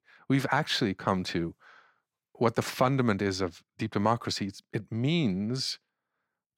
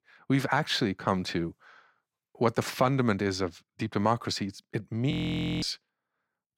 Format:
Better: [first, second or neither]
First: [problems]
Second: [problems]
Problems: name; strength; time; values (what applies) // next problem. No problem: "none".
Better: first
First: none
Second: audio freezing; at 5 s for 0.5 s